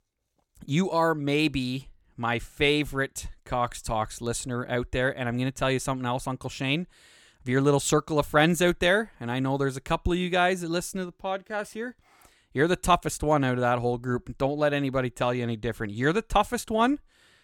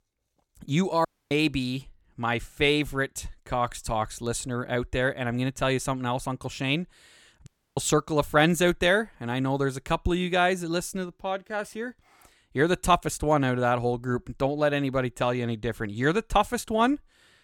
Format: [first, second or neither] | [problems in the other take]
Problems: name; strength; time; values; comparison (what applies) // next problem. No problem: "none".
first | audio cutting out; at 1 s and at 7.5 s